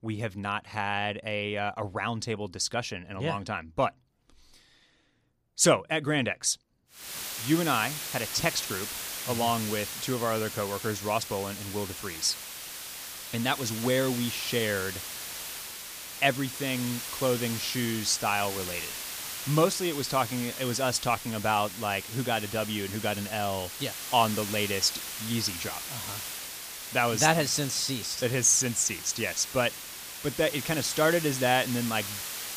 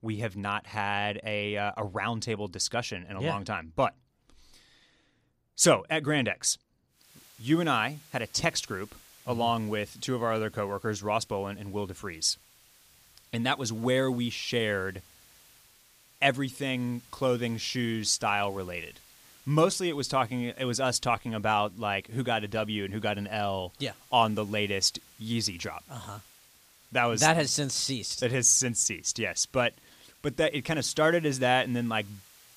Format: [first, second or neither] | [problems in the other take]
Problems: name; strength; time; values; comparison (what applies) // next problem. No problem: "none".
second | hiss; loud; from 7 s on; 7 dB below the speech; faint in the second